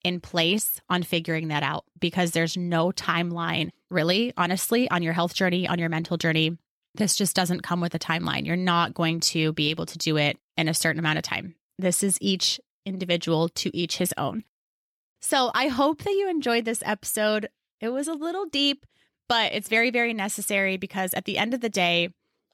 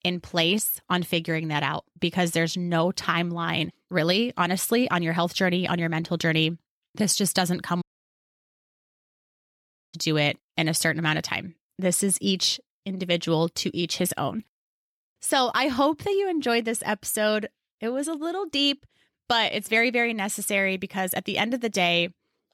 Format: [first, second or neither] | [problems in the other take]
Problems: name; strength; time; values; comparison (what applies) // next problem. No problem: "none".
first | audio cutting out; at 8 s for 2 s